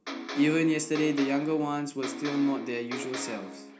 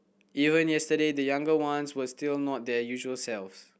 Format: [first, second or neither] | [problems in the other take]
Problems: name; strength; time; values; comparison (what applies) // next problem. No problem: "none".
second | background sound (Electric guitar); 10 dB below the speech // room echo; dies away in 0.4 s